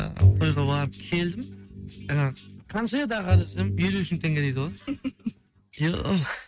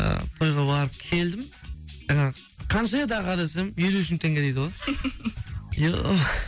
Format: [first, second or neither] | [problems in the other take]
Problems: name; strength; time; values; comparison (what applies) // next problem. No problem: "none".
second | noise reduction (neural mask model RNNoise)